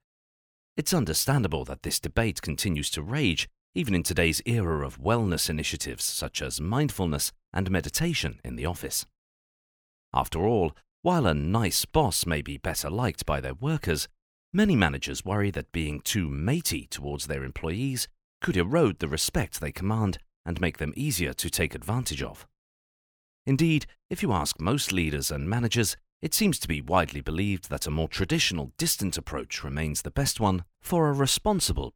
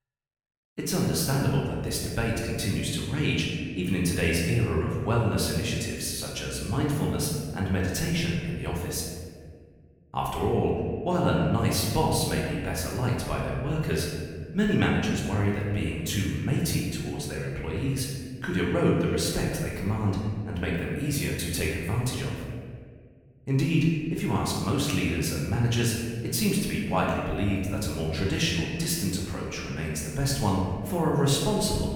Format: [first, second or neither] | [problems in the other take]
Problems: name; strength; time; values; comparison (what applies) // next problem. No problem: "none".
first | room echo; noticeable; dies away in 1.7 s // off-mic speech; far